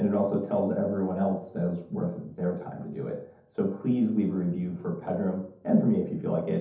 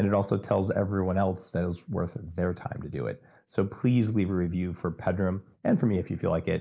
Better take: second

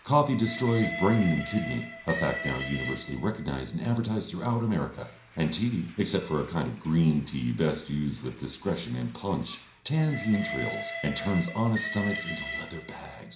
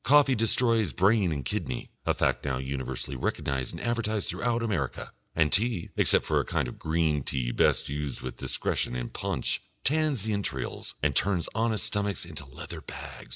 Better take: second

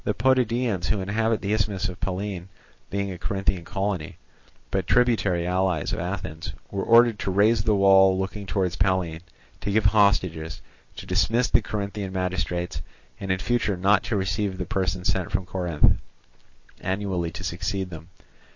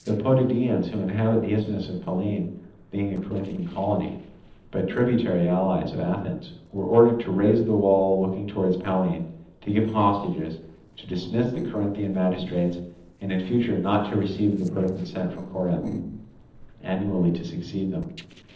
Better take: first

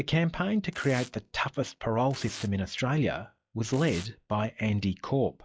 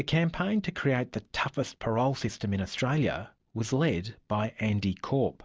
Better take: second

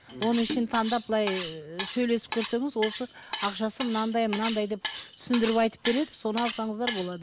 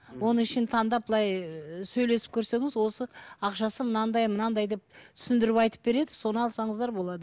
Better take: second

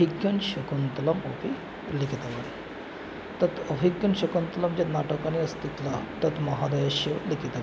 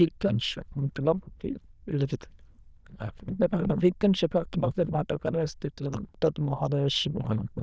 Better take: first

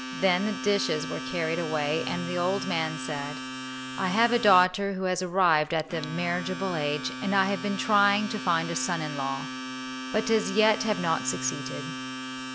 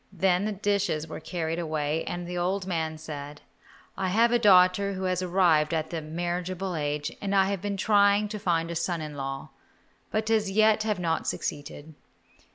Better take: second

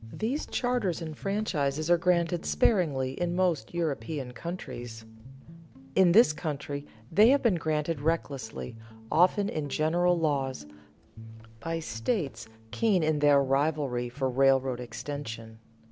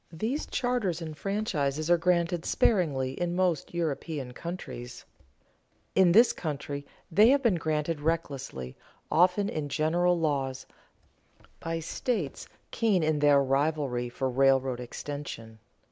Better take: second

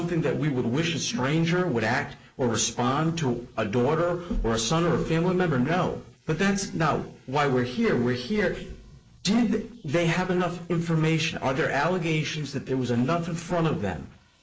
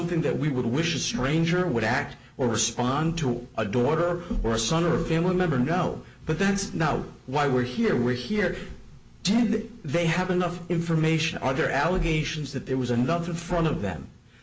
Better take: second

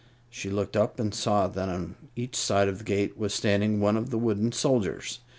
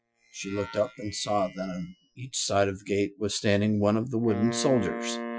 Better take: first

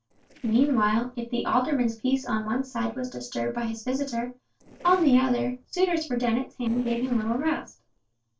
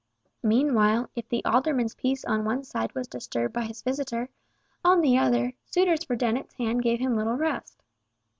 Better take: second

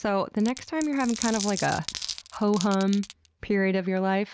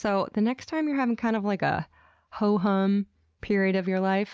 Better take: second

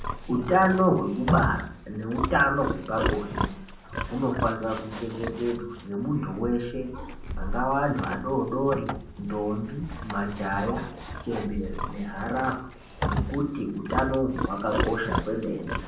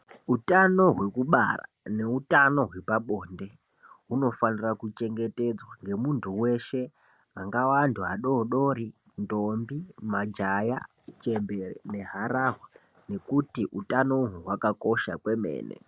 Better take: second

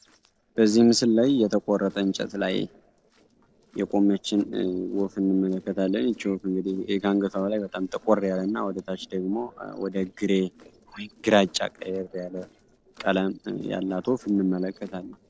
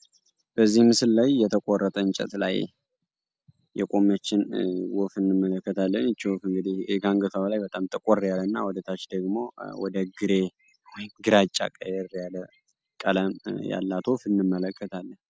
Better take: second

